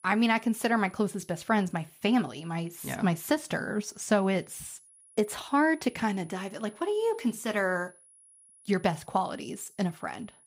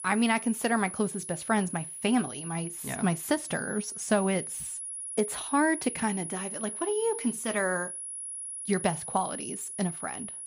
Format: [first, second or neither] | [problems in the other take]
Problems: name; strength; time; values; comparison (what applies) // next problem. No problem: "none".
first | high-pitched whine; loud; throughout; 10.5 kHz, 6 dB below the speech; faint in the first